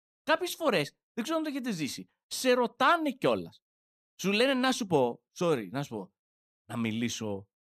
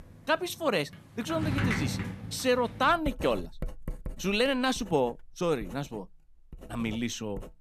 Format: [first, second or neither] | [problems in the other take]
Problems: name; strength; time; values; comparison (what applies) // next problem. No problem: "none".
first | household noises; loud; throughout; 7 dB below the speech